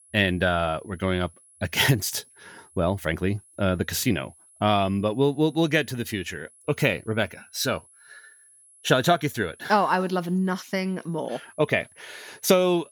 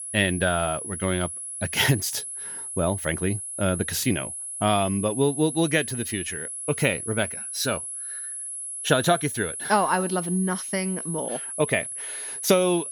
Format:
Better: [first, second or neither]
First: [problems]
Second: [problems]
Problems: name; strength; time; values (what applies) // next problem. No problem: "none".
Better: first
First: high-pitched whine; faint; throughout; 10.5 kHz, 25 dB below the speech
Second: high-pitched whine; loud; throughout; 10.5 kHz, 6 dB below the speech